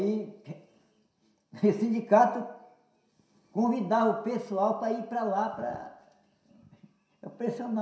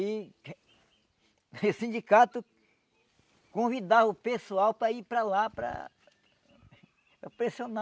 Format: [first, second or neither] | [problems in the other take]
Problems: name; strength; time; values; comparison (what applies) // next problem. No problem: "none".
second | room echo; dies away in 0.7 s